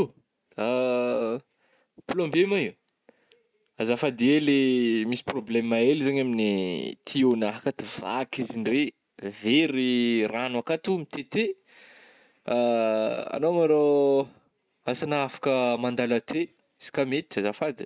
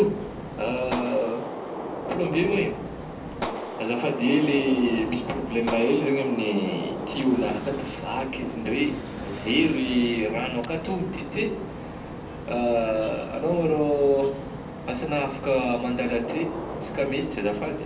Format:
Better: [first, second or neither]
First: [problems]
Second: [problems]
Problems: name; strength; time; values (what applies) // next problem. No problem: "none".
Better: first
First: none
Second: background sound (Gunshot, gunfire); 8 dB below the speech // room echo; dies away in 0.6 s